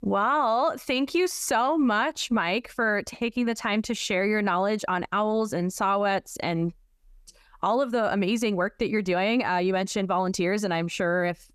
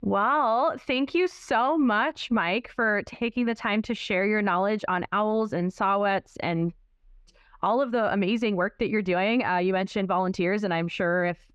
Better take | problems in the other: first | muffled; slightly; fading above 3 kHz

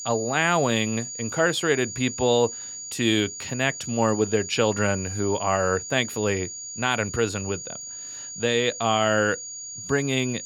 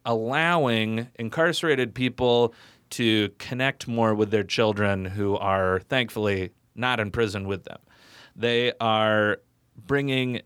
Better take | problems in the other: second | high-pitched whine; loud; throughout; 7 kHz, 9 dB below the speech

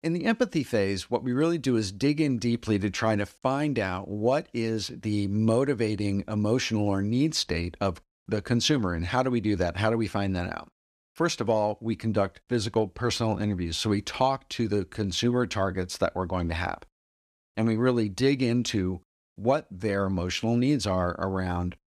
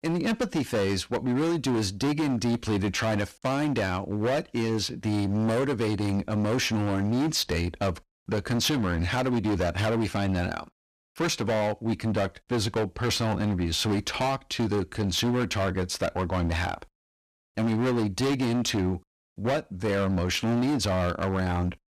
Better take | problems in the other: first | distortion; heavy; 22% of the sound clipped

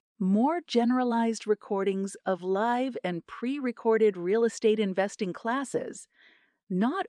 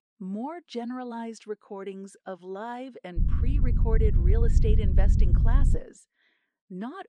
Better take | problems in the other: first | low rumble; loud; from 3 to 6 s; 4 dB below the speech

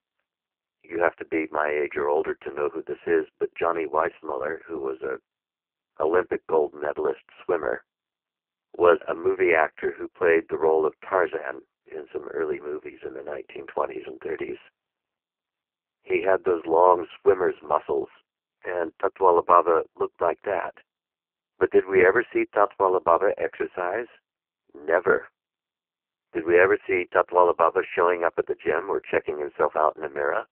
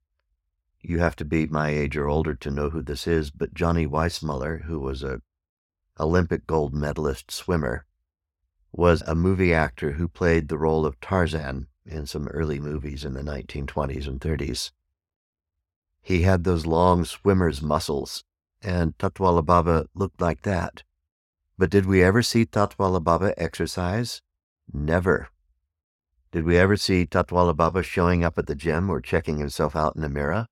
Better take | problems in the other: second | phone-call audio; poor line

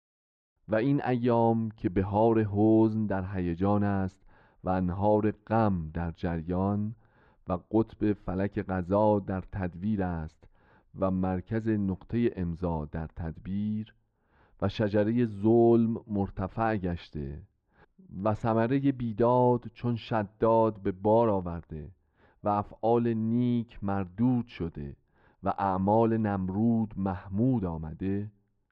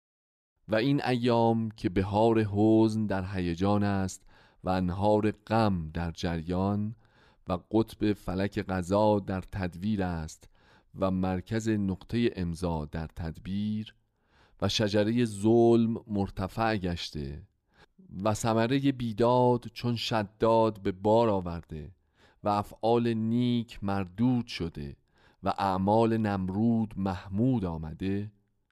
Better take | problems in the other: second | muffled; very; fading above 2 kHz

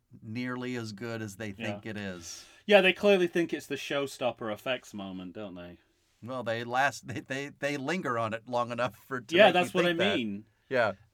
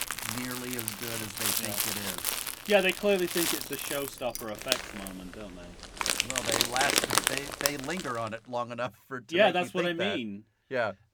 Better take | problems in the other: first | household noises; very loud; until 8 s; 1 dB above the speech

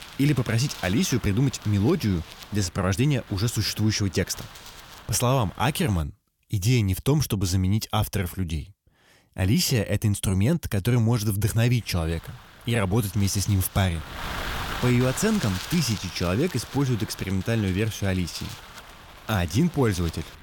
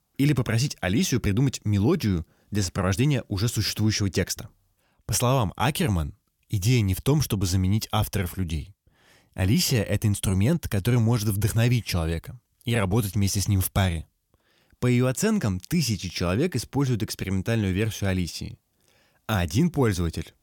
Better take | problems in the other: second | wind noise on the microphone; heavy; until 6 s and from 12 s on; 9 dB below the speech

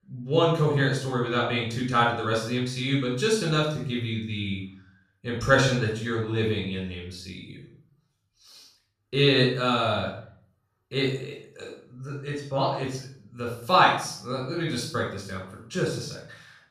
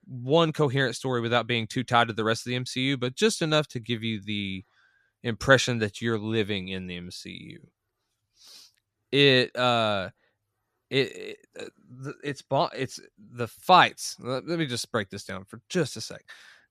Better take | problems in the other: second | off-mic speech; far // room echo; noticeable; dies away in 0.5 s

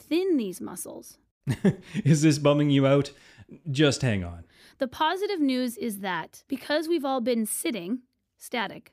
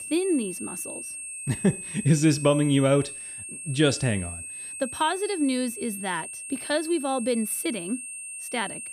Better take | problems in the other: first | high-pitched whine; loud; throughout; 8.5 kHz, 8 dB below the speech

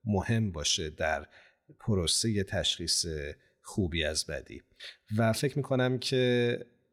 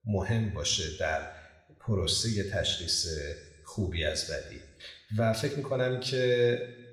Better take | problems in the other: first | room echo; slight; dies away in 0.9 s

